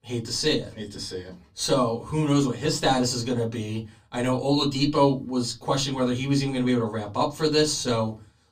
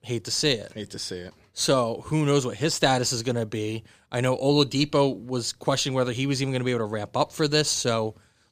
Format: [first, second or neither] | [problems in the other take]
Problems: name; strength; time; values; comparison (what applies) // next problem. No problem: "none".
second | off-mic speech; far // room echo; very slight; dies away in 0.2 s